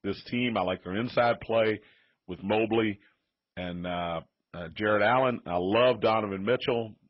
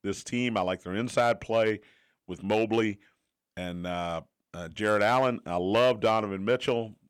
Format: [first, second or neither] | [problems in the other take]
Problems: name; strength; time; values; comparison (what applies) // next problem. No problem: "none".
second | garbled, watery; badly; nothing above 5.5 kHz